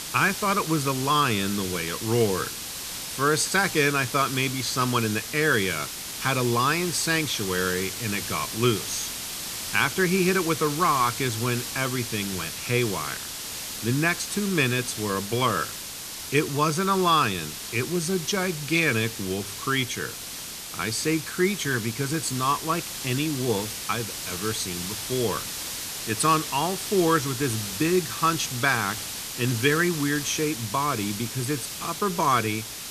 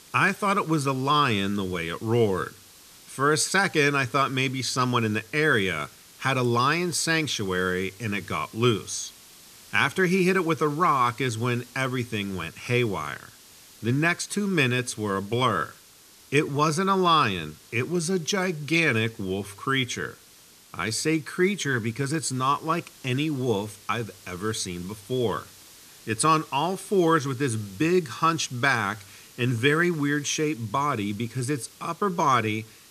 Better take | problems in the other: second | hiss; loud; throughout; 6 dB below the speech; faint in the second

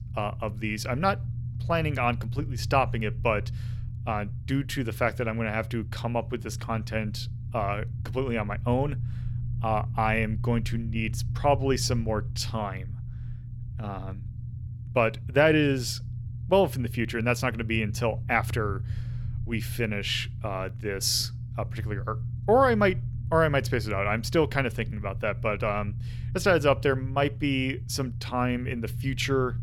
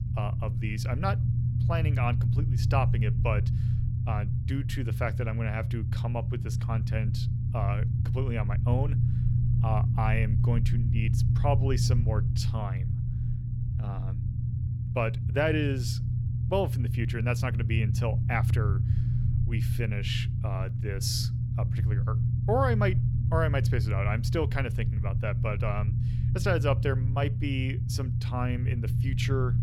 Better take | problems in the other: first | low rumble; loud; throughout; 7 dB below the speech; faint in the first

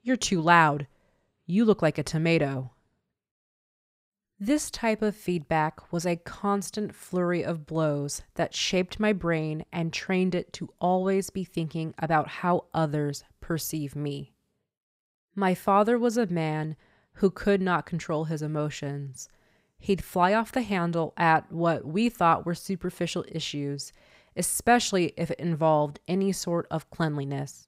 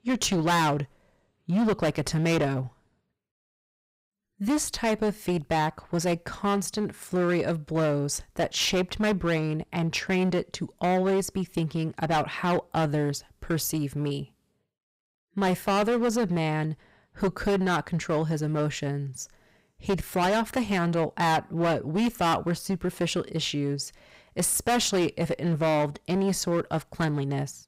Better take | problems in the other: first | distortion; heavy; 12% of the sound clipped

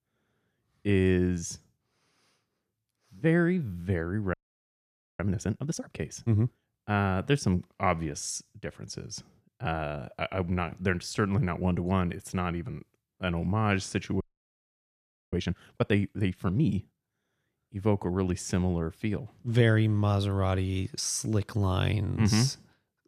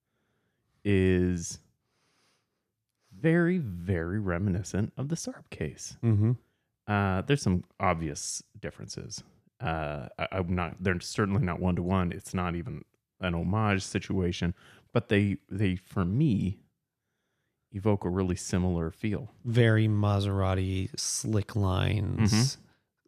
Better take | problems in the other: second | audio freezing; at 4.5 s for 1 s and at 14 s for 1 s

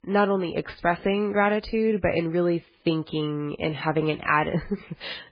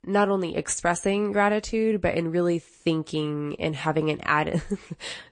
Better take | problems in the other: second | garbled, watery; badly; nothing above 4 kHz; slightly in the second

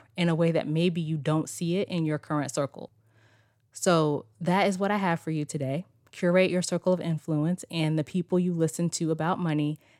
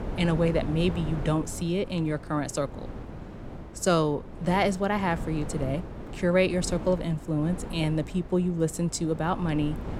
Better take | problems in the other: first | wind noise on the microphone; occasional gusts; 15 dB below the speech

